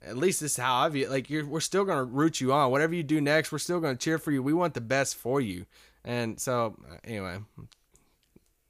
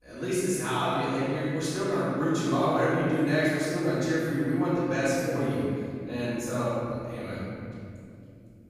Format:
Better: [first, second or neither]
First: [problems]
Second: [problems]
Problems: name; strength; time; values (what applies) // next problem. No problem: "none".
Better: first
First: none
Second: room echo; strong; dies away in 2.9 s // off-mic speech; far